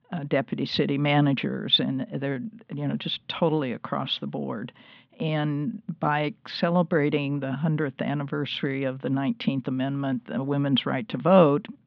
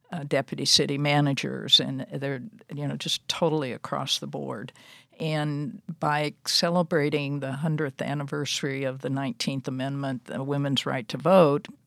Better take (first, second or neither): second